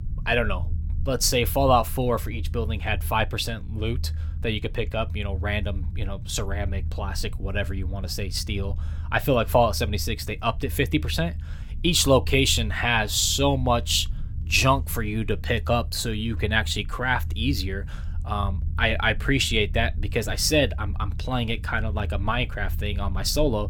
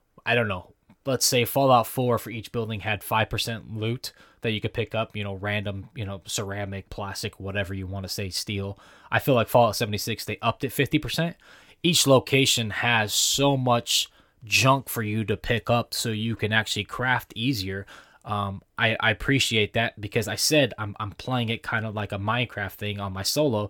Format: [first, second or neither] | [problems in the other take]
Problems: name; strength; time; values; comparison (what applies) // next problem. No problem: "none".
second | low rumble; faint; throughout; 25 dB below the speech